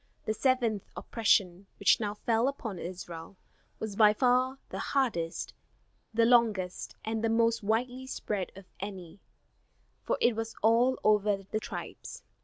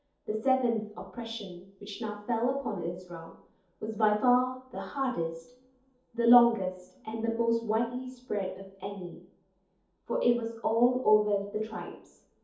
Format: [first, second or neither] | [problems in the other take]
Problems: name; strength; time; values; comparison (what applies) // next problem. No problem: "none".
first | room echo; dies away in 0.6 s